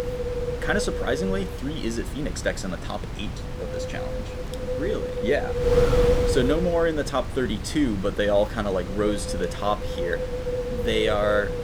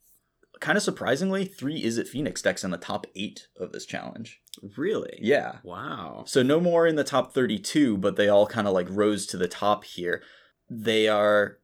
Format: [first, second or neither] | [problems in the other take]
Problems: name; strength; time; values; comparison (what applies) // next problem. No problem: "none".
second | wind noise on the microphone; heavy; 2 dB below the speech